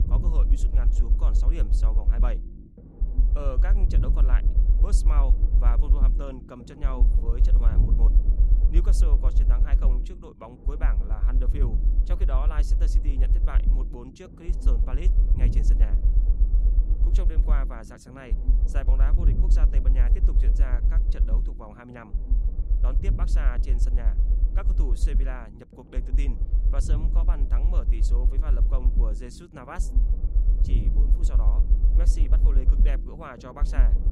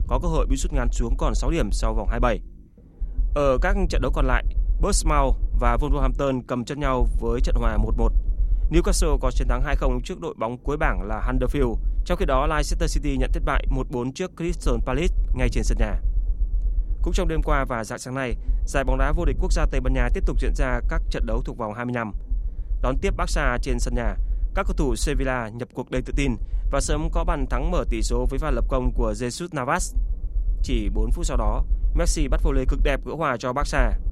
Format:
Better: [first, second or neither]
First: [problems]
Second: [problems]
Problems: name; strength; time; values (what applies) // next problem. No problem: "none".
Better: second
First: low rumble; loud; throughout; 4 dB below the speech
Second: low rumble; faint; throughout; 25 dB below the speech